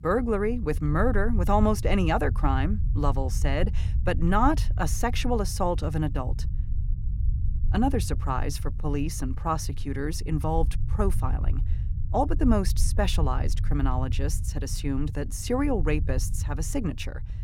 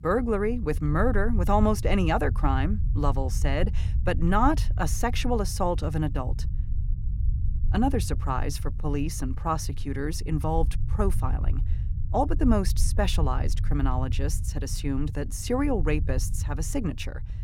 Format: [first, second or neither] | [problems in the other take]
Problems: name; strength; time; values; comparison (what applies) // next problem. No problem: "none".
neither | low rumble; noticeable; throughout; 20 dB below the speech; the same in both